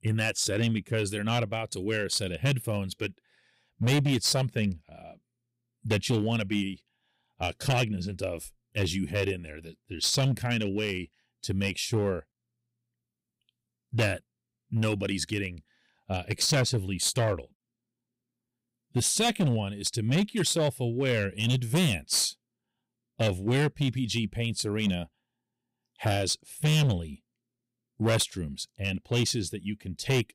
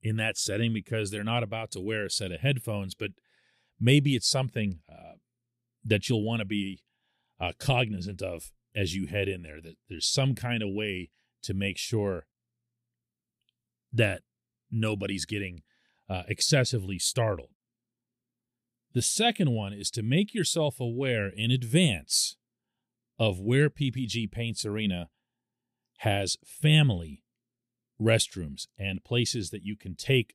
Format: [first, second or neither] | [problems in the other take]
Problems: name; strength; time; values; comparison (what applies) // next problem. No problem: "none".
second | distortion; slight; 6% of the sound clipped